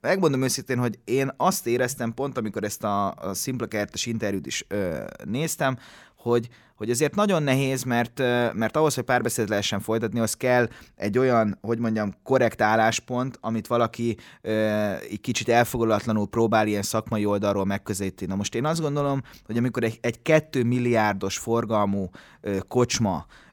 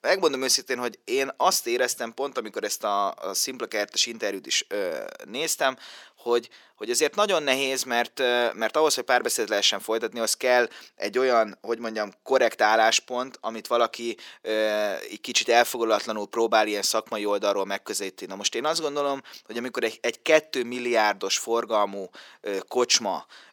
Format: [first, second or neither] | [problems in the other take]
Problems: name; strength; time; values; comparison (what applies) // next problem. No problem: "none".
first | thin; somewhat; fading below 350 Hz